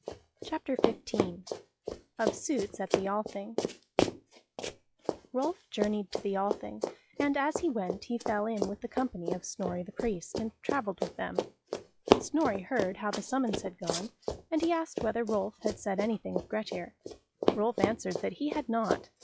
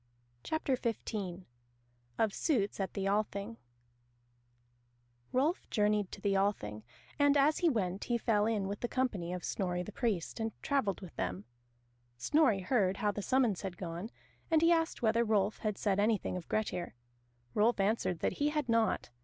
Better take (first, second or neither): second